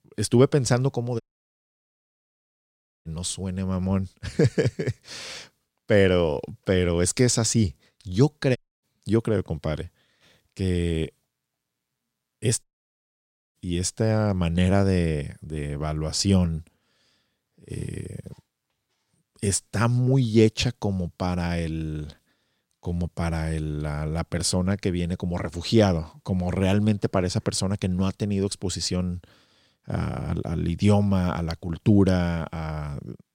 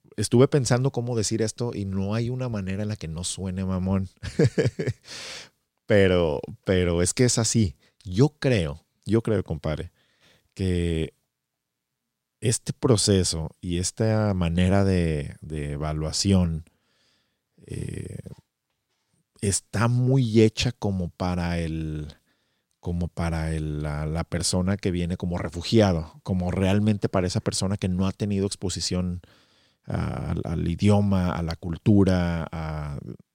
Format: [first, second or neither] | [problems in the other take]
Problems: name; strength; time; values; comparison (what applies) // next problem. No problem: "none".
second | audio cutting out; at 1 s for 2 s, at 8.5 s and at 13 s for 1 s